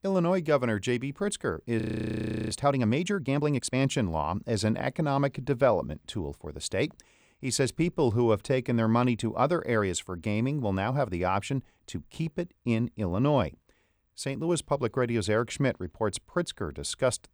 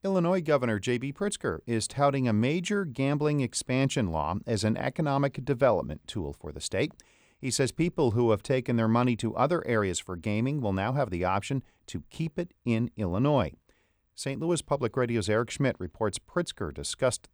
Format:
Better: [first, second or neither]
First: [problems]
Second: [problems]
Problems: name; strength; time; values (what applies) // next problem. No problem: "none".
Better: second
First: audio freezing; at 2 s for 0.5 s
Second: none